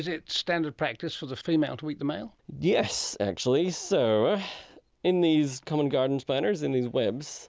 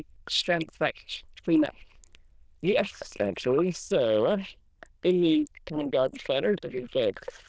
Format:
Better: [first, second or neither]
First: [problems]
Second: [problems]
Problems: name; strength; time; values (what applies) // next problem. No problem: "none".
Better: first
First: none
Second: noise reduction (neural diffusion model UNIVERSE++)